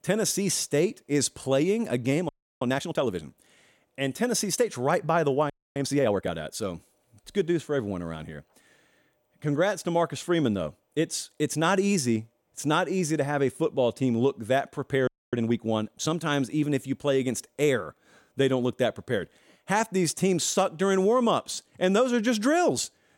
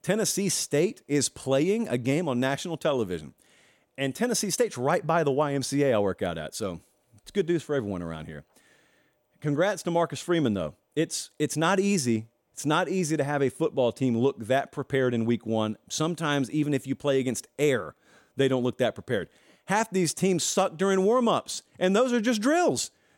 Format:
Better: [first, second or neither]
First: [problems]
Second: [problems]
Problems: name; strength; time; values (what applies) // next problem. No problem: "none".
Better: second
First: audio freezing; at 2.5 s, at 5.5 s and at 15 s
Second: none